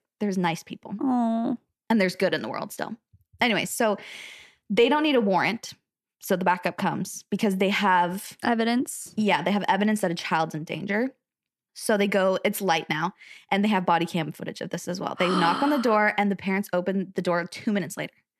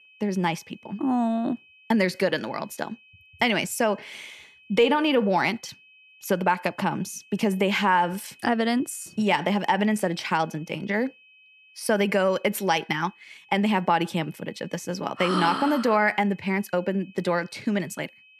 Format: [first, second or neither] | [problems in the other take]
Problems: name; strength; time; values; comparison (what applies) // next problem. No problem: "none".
first | high-pitched whine; faint; throughout; 2.5 kHz, 25 dB below the speech